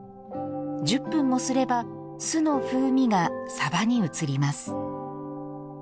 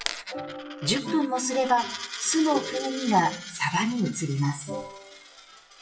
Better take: first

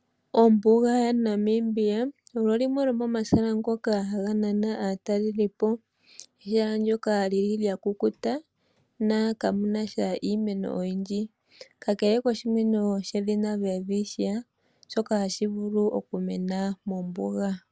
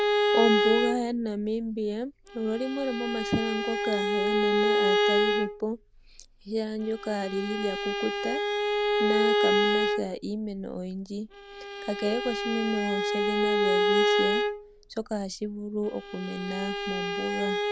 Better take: first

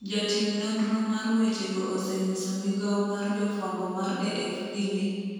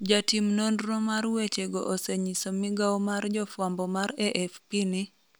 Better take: second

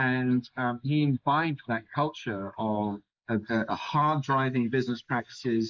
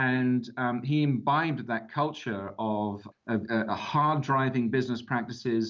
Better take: second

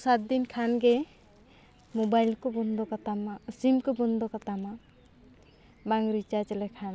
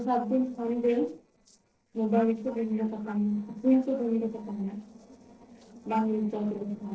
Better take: first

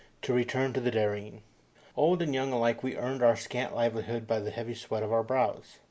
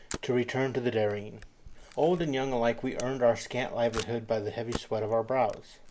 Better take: first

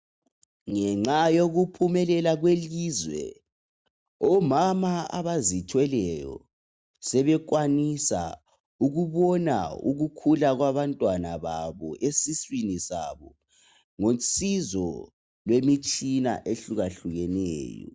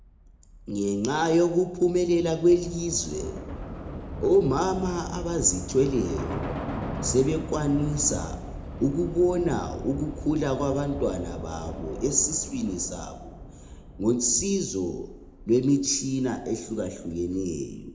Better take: first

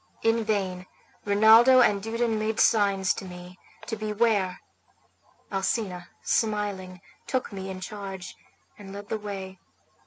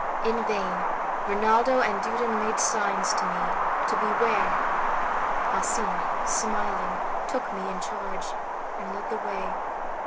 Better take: first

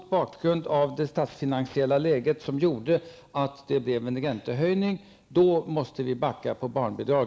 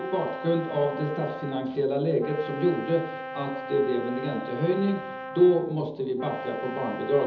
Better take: first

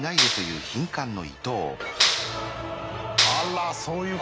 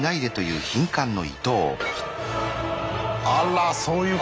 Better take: second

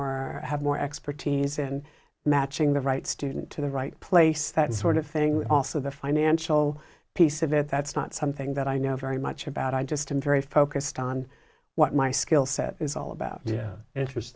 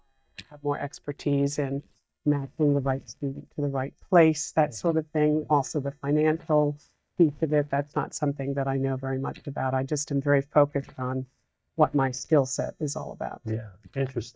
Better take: first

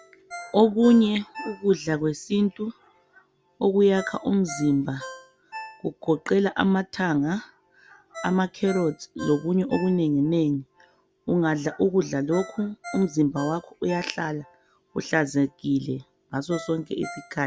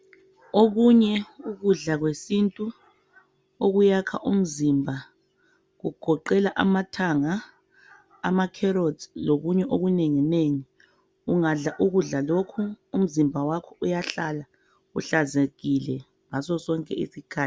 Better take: second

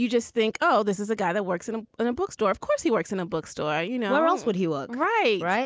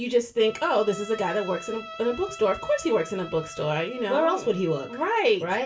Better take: first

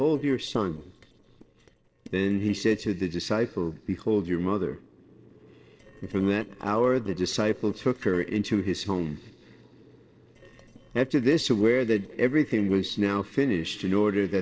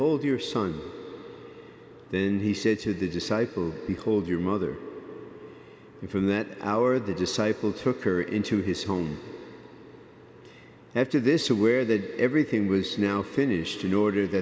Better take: second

